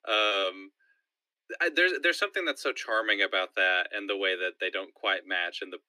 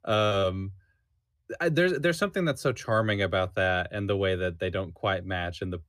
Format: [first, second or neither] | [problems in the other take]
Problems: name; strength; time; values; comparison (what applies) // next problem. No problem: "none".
second | thin; very; fading below 300 Hz